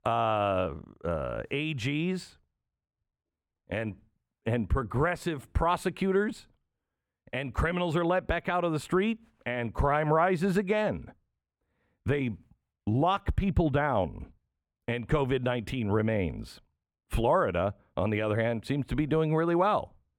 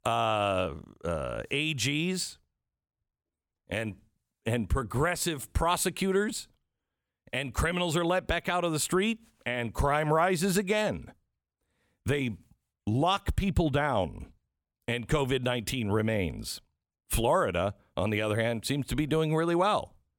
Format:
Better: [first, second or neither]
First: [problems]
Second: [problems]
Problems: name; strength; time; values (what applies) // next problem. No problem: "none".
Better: second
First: muffled; slightly; fading above 3.5 kHz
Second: none